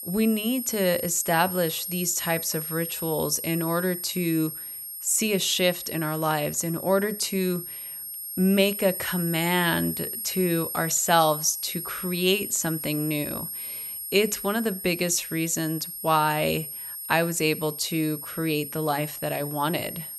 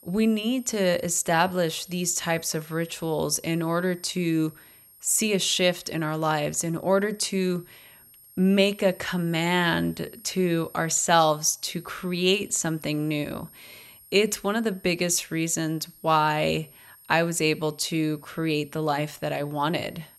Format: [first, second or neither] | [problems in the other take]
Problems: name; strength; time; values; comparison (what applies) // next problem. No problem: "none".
second | high-pitched whine; loud; throughout; 11.5 kHz, 7 dB below the speech; faint in the second